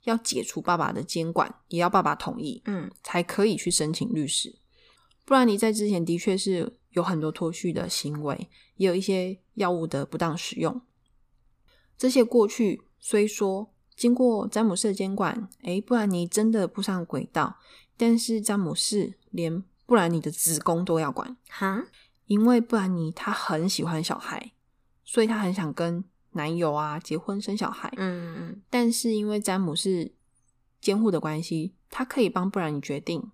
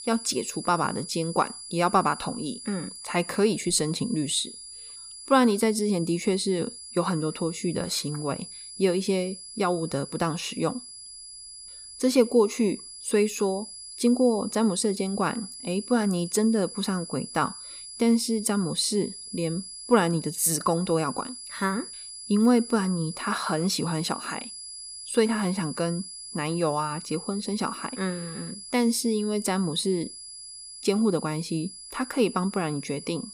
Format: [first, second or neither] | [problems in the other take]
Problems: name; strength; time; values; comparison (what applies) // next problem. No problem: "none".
first | high-pitched whine; noticeable; throughout; 10 kHz, 10 dB below the speech